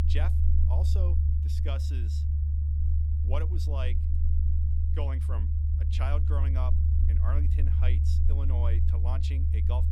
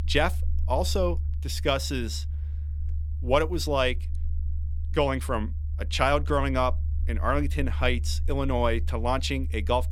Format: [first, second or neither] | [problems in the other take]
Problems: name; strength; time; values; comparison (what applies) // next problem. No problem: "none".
second | low rumble; loud; throughout; 2 dB below the speech; faint in the second